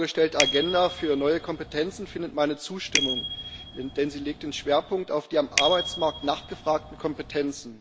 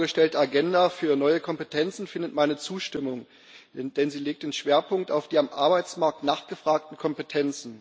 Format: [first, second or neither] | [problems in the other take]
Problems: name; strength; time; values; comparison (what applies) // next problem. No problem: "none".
second | background sound (Bicycle bell); 6 dB below the speech